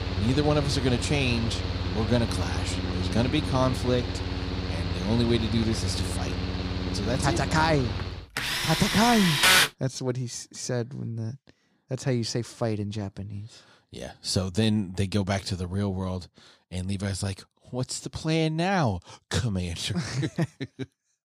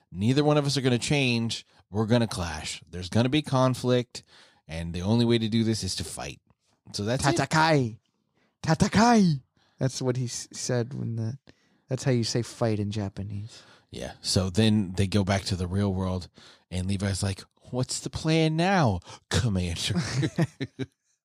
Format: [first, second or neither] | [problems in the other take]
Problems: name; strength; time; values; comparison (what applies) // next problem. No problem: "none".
second | machinery noise; very loud; until 9.5 s; as loud as the speech